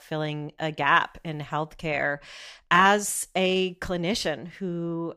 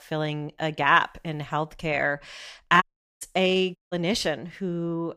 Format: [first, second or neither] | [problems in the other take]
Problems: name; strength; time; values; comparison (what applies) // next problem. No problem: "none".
first | audio cutting out; at 3 s and at 4 s